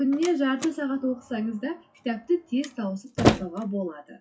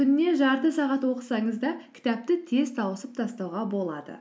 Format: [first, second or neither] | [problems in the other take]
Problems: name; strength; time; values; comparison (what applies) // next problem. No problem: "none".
second | noise reduction (classical method WPE with log-MMSE)